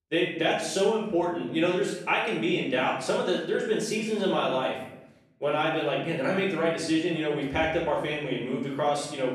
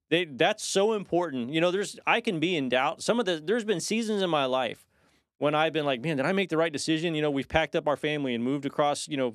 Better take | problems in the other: second | off-mic speech; far // room echo; noticeable; dies away in 0.7 s

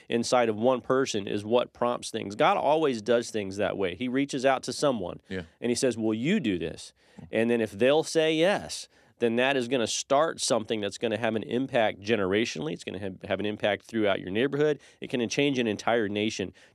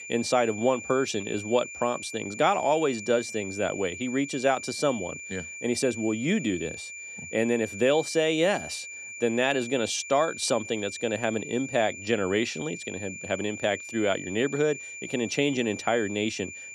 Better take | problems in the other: first | high-pitched whine; noticeable; throughout; 2.5 kHz, 10 dB below the speech

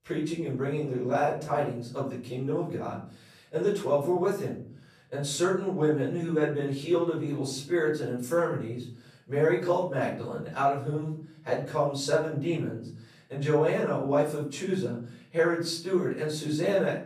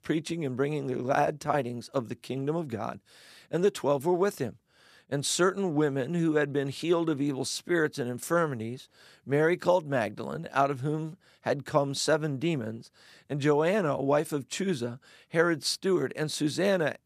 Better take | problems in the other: second | off-mic speech; far // room echo; noticeable; dies away in 0.5 s

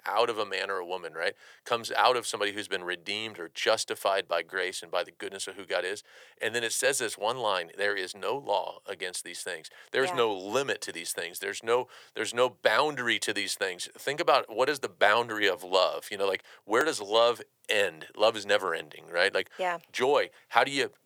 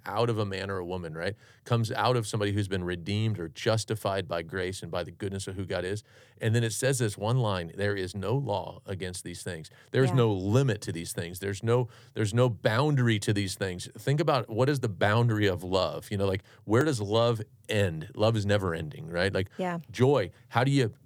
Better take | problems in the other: second | thin; very; fading below 600 Hz

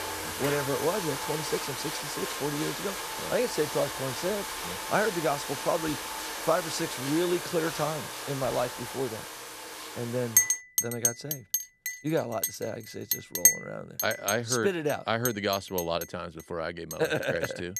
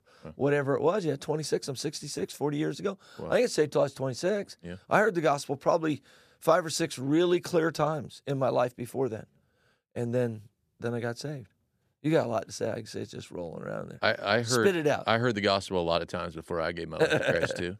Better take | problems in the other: second | household noises; very loud; throughout; 1 dB above the speech

